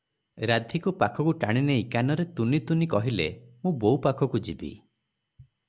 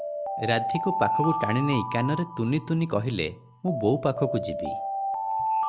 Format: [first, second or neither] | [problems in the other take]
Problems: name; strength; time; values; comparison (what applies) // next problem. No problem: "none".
first | background sound (Alarm); 3 dB below the speech